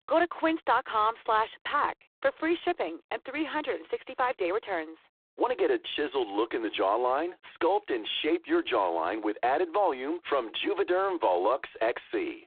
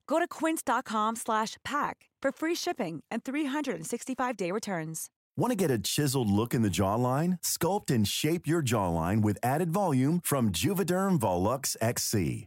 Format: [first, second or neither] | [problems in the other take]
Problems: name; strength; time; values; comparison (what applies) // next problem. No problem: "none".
second | phone-call audio; poor line; nothing above 3.5 kHz